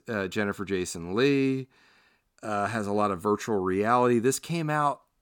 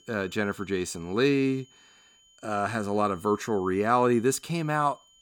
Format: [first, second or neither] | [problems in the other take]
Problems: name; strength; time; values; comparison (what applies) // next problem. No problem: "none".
first | high-pitched whine; faint; throughout; 3 kHz, 30 dB below the speech